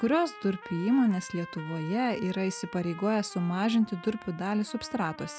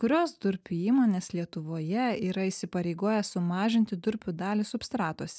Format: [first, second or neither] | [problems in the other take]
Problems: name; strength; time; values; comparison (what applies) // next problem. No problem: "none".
second | background sound (Trumpet); 16 dB below the speech